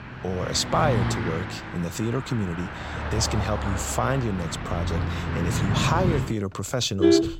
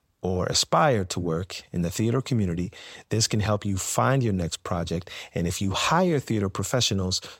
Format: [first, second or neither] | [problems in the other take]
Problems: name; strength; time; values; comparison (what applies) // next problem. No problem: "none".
second | traffic noise; loud; throughout; 1 dB below the speech